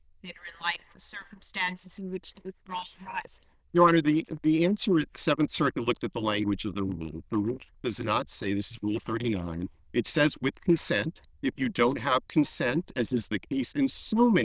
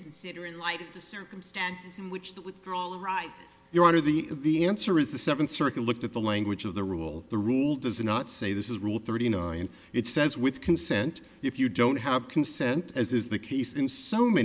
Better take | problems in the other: second | noise reduction (neural diffusion model UNIVERSE++)

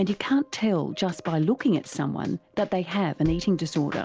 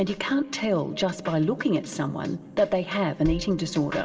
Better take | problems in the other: first | room echo; dies away in 2.9 s

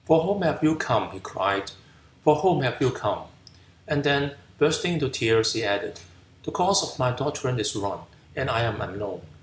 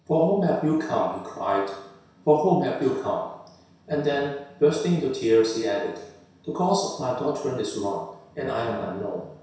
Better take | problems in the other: first | room echo; dies away in 0.7 s

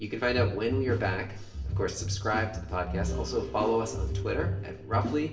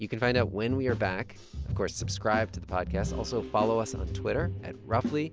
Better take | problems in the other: second | room echo; dies away in 0.6 s

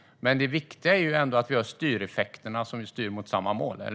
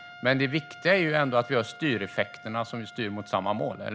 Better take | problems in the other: first | background sound (Trumpet); 19 dB below the speech

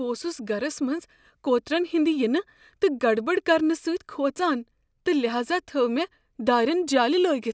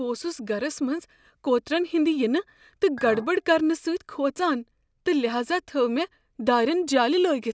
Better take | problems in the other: first | background sound (Chink, clink); 17 dB below the speech

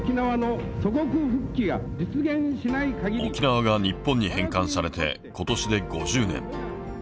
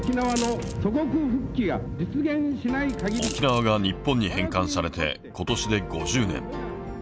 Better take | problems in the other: first | background sound (Coin (dropping)); 12 dB below the speech

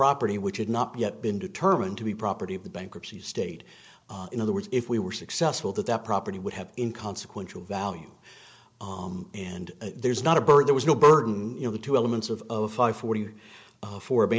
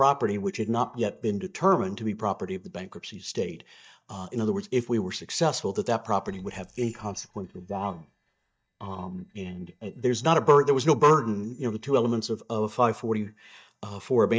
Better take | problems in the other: first | noise reduction (neural mask model DeepFilterNet 3)

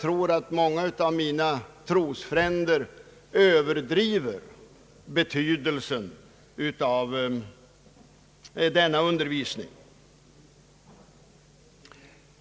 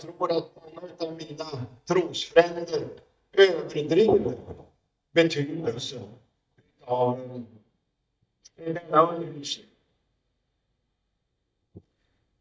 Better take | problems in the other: first | noise reduction (neural mask model DeepFilterNet 3)

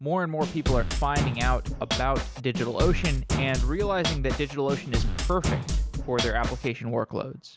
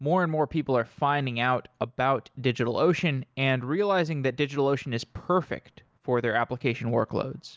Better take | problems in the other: second | background sound (Drum kit); 1 dB above the speech

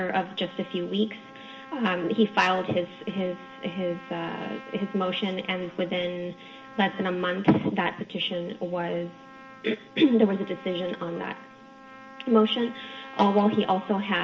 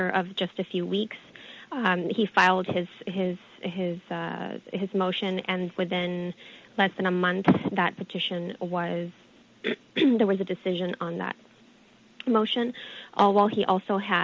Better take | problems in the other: second | background sound (Trumpet); 19 dB below the speech // room echo; dies away in 0.9 s

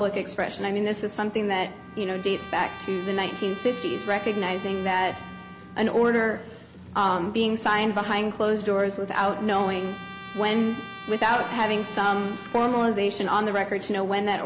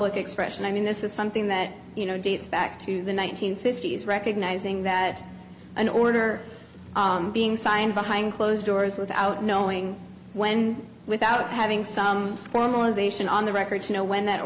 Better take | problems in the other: second | background sound (Trumpet); 18 dB below the speech

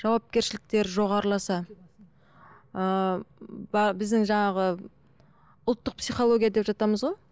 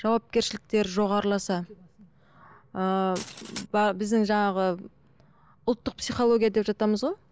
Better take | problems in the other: first | background sound (Glass); 16 dB below the speech

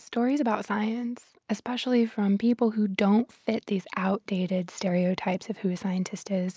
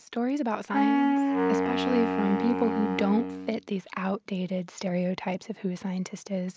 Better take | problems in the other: first | background sound (Wind instrument, woodwind instrument); 2 dB above the speech

